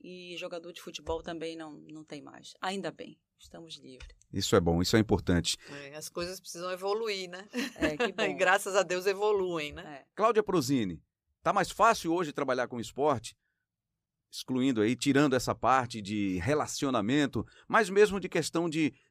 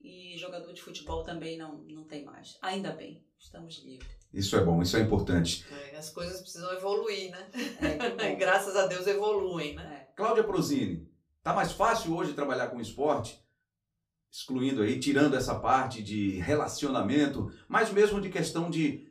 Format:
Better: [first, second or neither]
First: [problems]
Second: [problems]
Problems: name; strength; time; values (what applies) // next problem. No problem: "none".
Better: first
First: none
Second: off-mic speech; far // room echo; very slight; dies away in 0.3 s